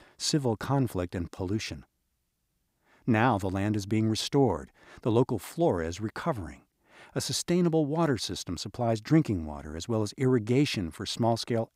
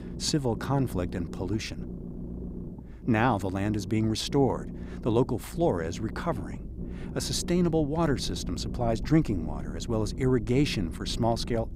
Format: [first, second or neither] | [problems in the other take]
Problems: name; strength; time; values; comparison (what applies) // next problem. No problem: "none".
first | low rumble; noticeable; throughout; 15 dB below the speech